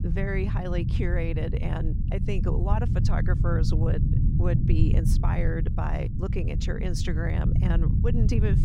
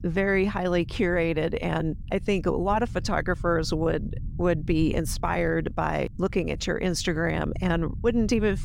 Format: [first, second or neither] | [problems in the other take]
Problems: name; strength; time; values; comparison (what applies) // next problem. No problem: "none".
second | low rumble; loud; throughout; 4 dB below the speech; faint in the second